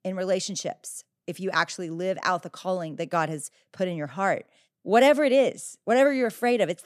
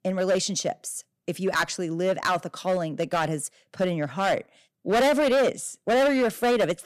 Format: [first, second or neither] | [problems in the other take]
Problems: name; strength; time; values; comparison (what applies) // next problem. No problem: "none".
first | distortion; heavy; 11% of the sound clipped